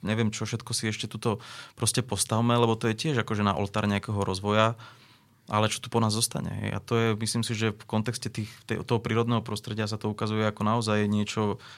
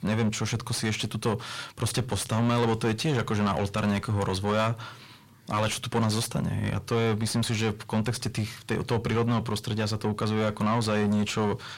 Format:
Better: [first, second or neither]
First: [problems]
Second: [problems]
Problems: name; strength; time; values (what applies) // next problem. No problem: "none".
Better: first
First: none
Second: distortion; heavy; 7 dB below the speech